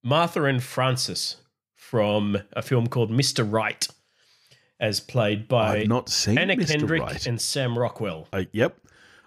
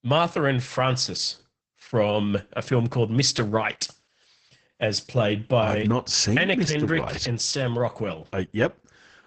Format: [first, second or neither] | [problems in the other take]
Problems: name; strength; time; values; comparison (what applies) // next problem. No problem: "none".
first | garbled, watery; badly; nothing above 7.5 kHz